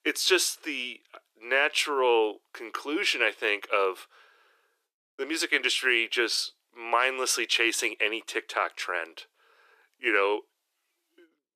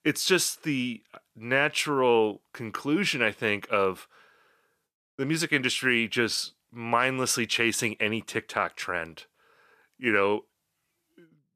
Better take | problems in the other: second | thin; very; fading below 350 Hz

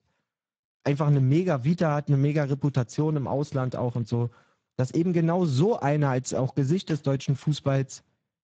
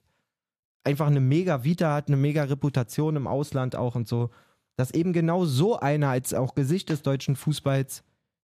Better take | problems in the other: second | garbled, watery; badly; nothing above 7.5 kHz

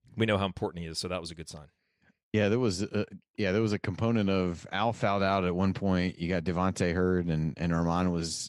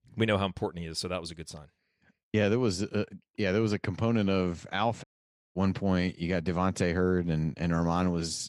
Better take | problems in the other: first | audio cutting out; at 5 s for 0.5 s

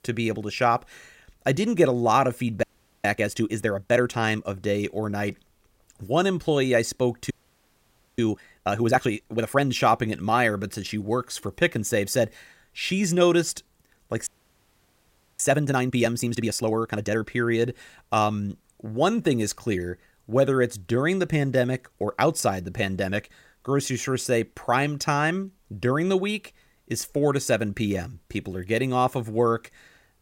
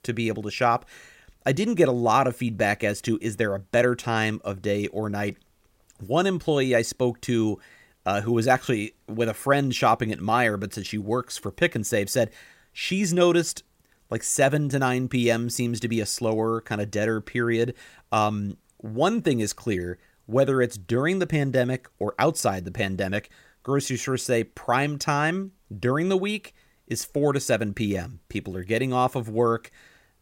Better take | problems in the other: second | audio freezing; at 2.5 s, at 7.5 s for 1 s and at 14 s for 1 s

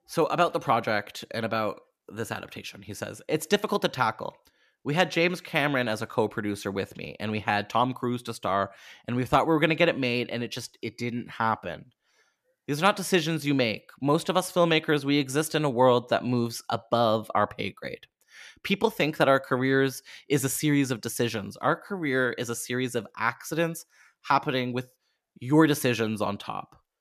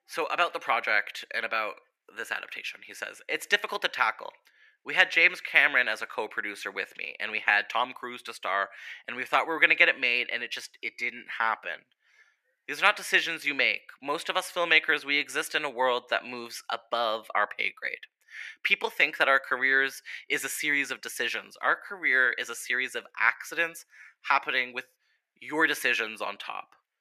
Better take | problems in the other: first | thin; very; fading below 500 Hz

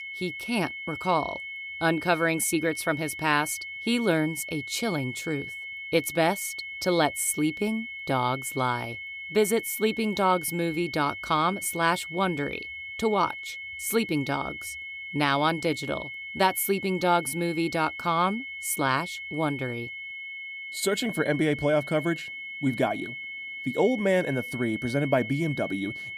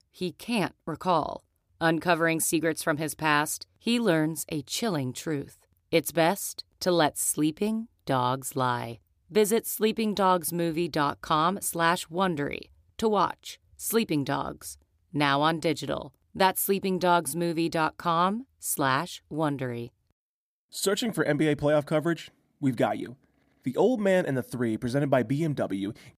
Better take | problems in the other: second | high-pitched whine; loud; throughout; 2 kHz, 8 dB below the speech

